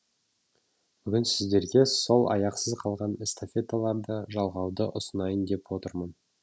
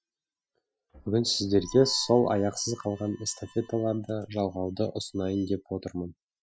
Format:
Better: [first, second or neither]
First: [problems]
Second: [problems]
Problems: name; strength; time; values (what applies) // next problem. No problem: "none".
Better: first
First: none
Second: noise reduction (classical method Wiener filter)